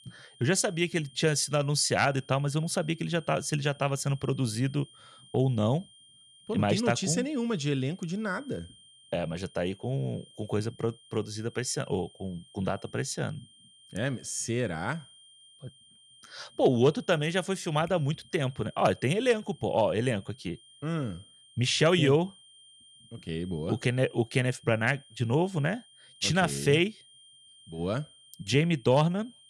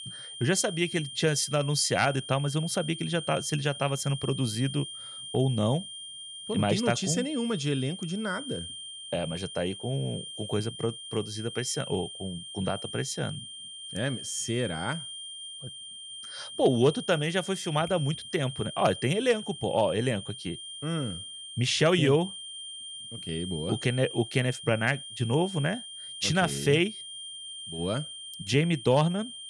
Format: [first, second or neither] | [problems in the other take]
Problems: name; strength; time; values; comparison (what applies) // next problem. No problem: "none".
first | high-pitched whine; loud; throughout; 3 kHz, 10 dB below the speech; faint in the first